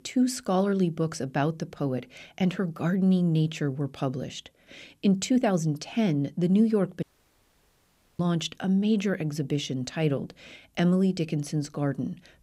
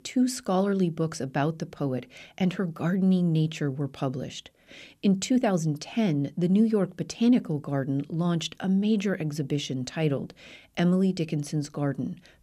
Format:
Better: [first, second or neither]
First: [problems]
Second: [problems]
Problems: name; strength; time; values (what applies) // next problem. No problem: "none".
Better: second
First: audio cutting out; at 7 s for 1 s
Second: none